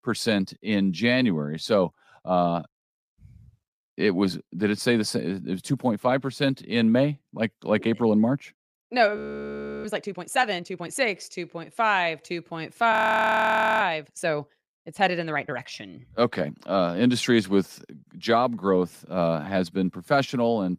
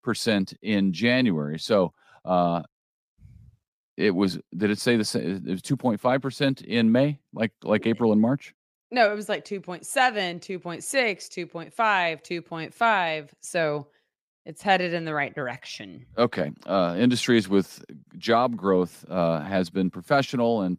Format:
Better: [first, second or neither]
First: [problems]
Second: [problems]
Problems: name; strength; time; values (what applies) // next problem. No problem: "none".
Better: second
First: audio freezing; at 9 s for 0.5 s and at 13 s for 1 s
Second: none